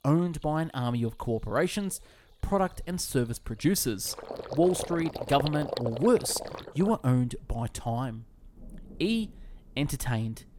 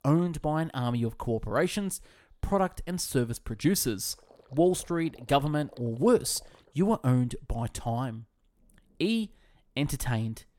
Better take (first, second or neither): second